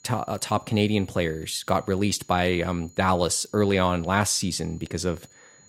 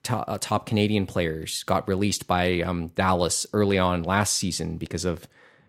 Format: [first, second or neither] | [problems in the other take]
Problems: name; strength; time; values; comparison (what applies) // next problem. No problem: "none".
second | high-pitched whine; faint; throughout; 7 kHz, 30 dB below the speech